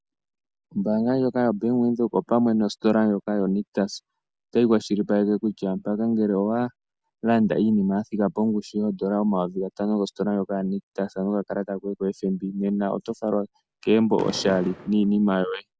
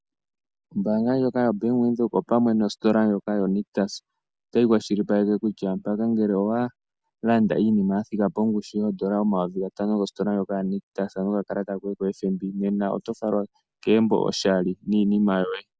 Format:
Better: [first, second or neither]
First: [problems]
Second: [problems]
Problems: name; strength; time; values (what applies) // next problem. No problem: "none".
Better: second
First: background sound (Fireworks); 14 dB below the speech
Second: none